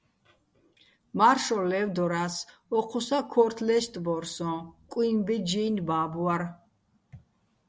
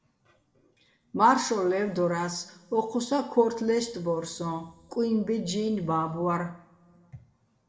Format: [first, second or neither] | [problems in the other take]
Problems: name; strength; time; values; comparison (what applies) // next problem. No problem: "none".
first | room echo; dies away in 1 s